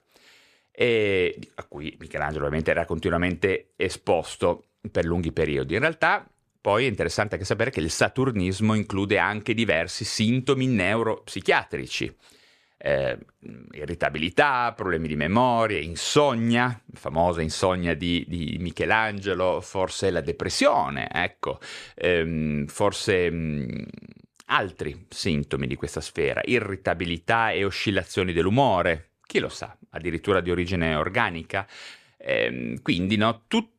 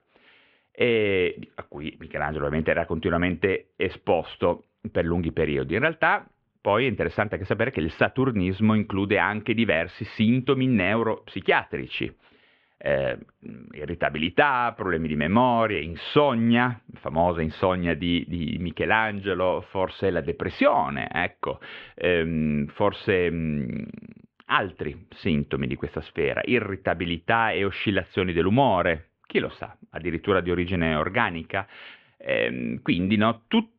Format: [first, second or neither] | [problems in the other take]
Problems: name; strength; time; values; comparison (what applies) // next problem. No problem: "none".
first | muffled; very; fading above 3 kHz